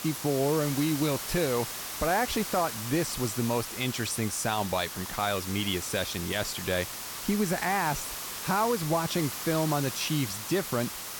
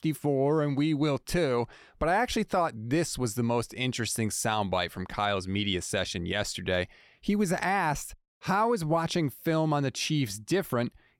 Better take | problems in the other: second | hiss; loud; throughout; 6 dB below the speech

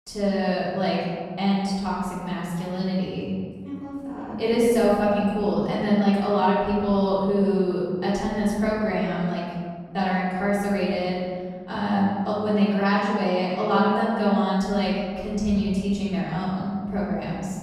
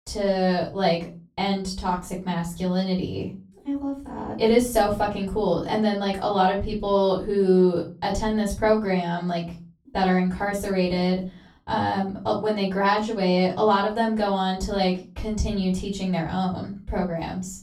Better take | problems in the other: second | room echo; strong; dies away in 1.7 s; slight in the second // off-mic speech; far; far in the second

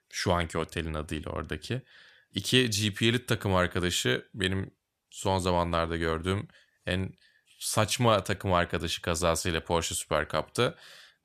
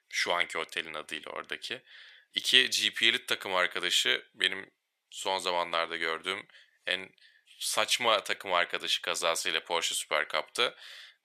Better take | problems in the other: first | thin; very; fading below 500 Hz

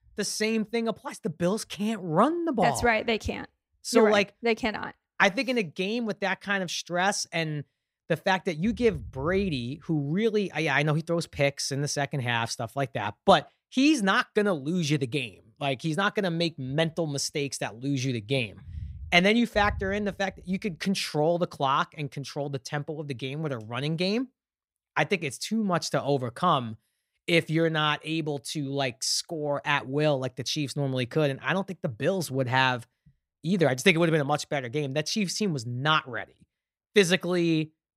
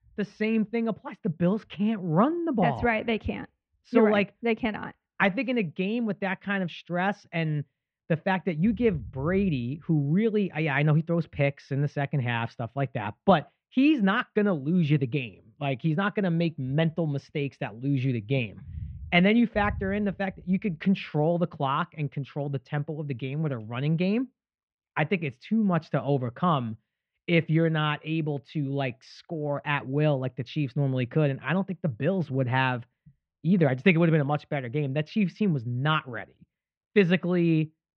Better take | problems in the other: first | muffled; very; fading above 3 kHz

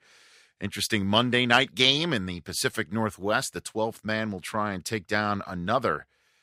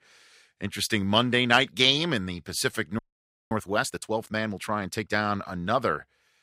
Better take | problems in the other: first | audio freezing; at 3 s for 0.5 s

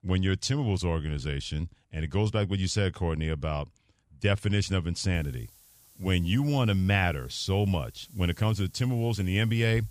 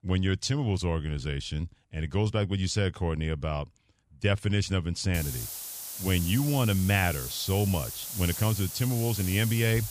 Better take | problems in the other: first | hiss; loud; from 5 s on; 7 dB below the speech; faint in the first

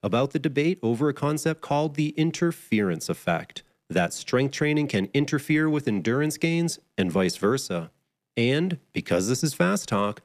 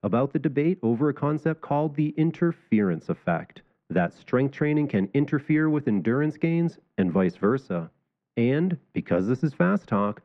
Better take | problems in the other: first | muffled; very; fading above 1.5 kHz

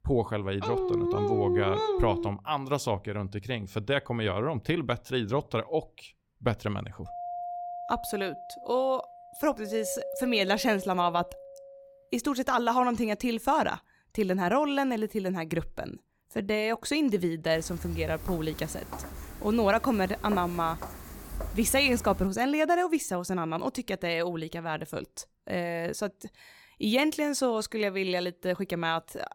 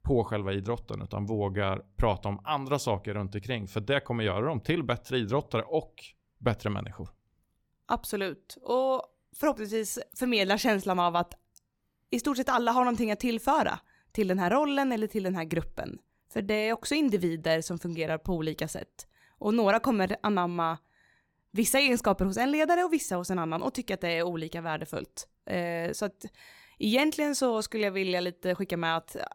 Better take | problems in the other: second | dog barking; loud; from 0.5 to 2.5 s; peak 2 dB above the speech // doorbell; noticeable; from 7 to 12 s; peak 7 dB below the speech // footsteps; noticeable; from 18 to 22 s; peak 9 dB below the speech

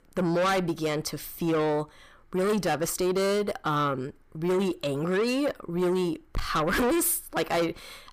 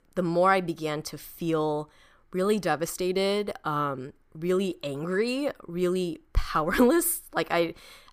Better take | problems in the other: second | distortion; heavy; 7 dB below the speech

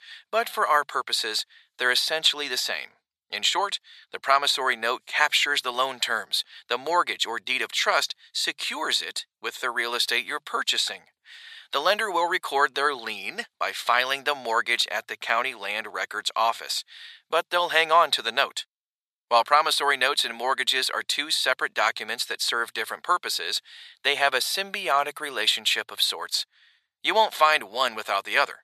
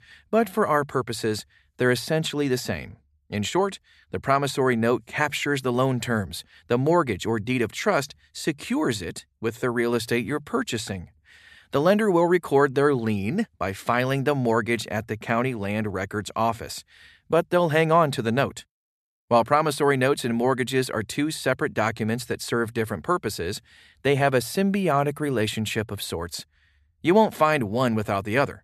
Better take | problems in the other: second | thin; very; fading below 950 Hz

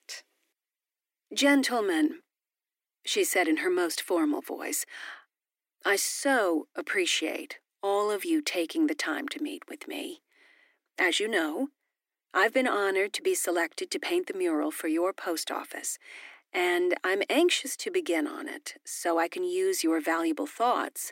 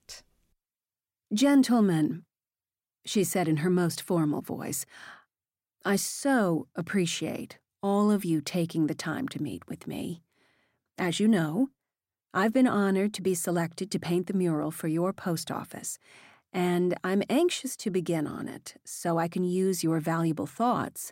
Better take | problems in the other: second | thin; somewhat; fading below 300 Hz

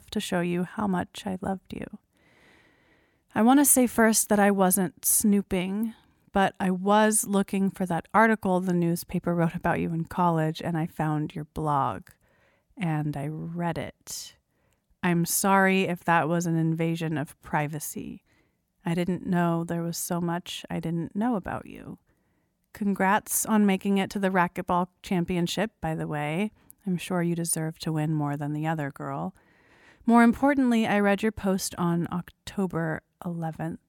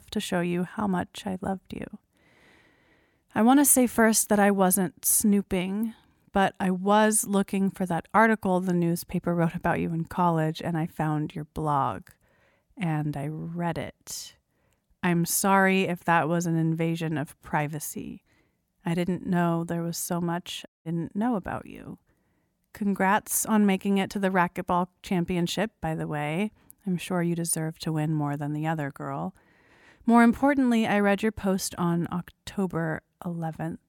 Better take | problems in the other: first | audio cutting out; at 21 s

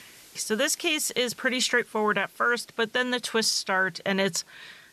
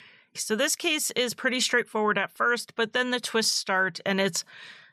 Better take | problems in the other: second | hiss; faint; throughout; 25 dB below the speech

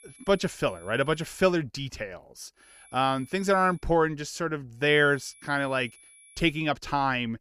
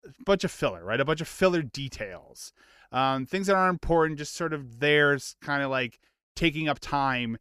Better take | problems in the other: second | high-pitched whine; faint; until 1.5 s, from 2.5 to 4 s and from 5 to 6.5 s; 10.5 kHz, 25 dB below the speech

